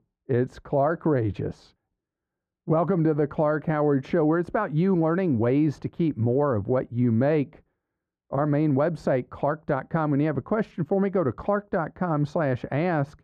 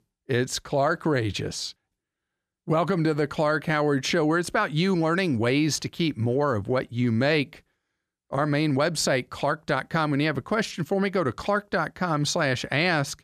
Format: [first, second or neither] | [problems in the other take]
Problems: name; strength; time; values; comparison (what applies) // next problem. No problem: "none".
second | muffled; very; fading above 2 kHz